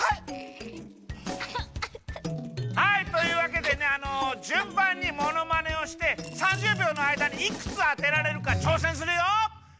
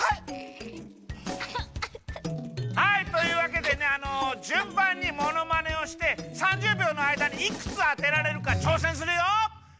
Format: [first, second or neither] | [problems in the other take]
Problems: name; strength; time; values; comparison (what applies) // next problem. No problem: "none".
second | background sound (Coin (dropping) / Glass); 18 dB below the speech